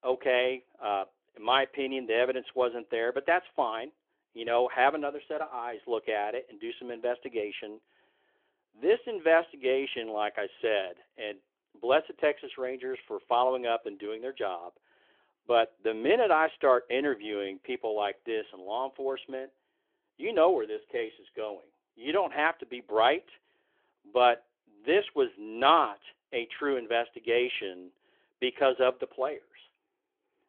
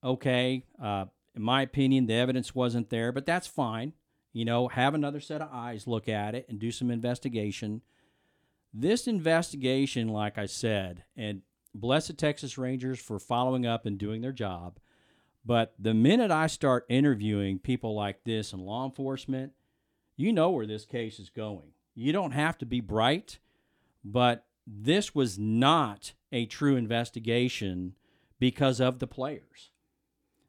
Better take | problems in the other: second | phone-call audio; nothing above 3.5 kHz

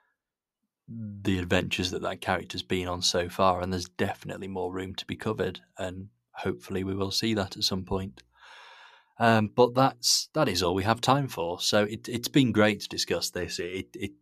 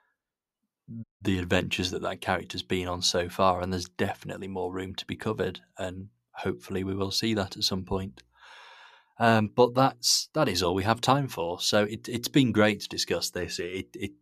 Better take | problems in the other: first | audio cutting out; at 1 s

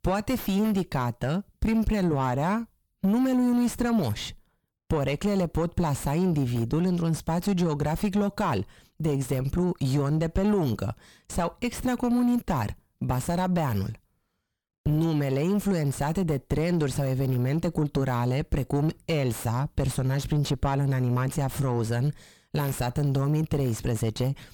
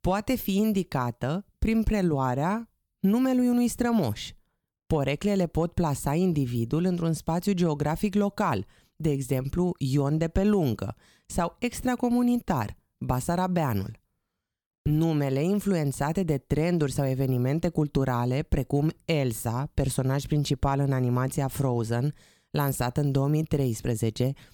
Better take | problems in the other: second | distortion; slight; 8 dB below the speech

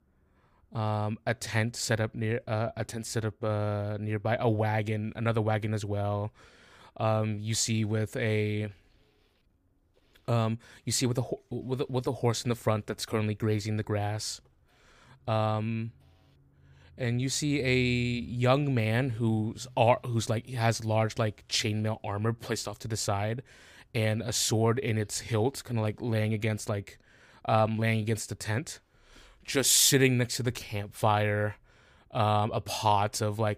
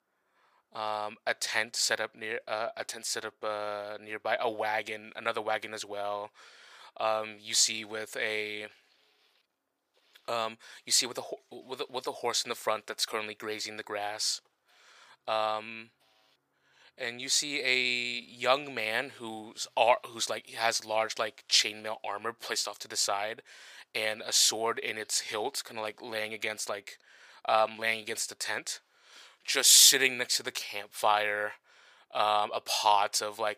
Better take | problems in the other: first | thin; very; fading below 650 Hz

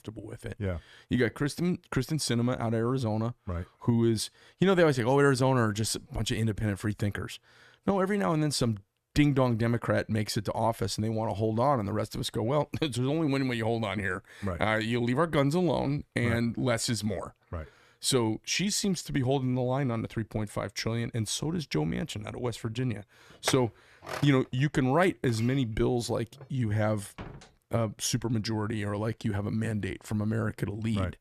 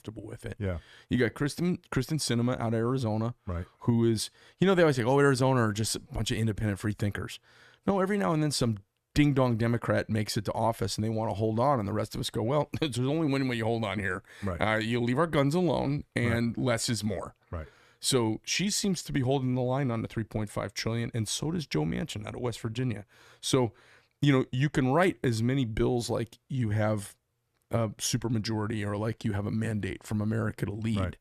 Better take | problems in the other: second | clattering dishes; noticeable; from 23 to 26 s; peak 6 dB below the speech // door banging; faint; at 27 s; peak 15 dB below the speech

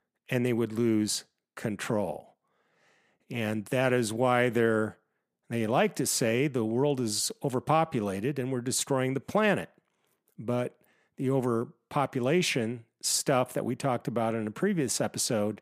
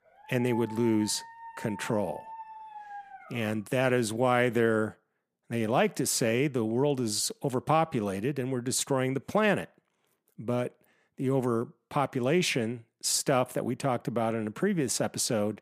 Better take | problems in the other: first | dog barking; faint; until 3.5 s; peak 15 dB below the speech

